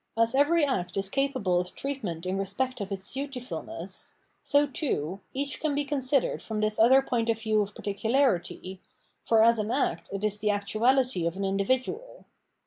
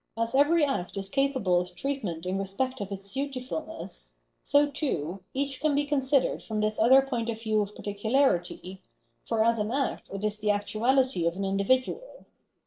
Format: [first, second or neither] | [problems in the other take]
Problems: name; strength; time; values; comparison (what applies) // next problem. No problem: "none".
first | noise reduction (neural separator model SepFormer DNS4)